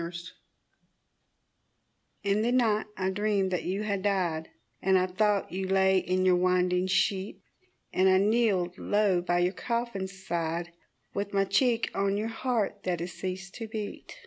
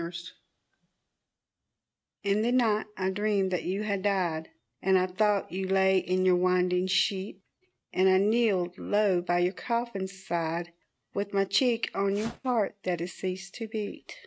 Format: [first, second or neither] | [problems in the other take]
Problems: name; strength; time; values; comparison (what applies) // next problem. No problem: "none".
first | noise reduction (neural mask model RNNoise)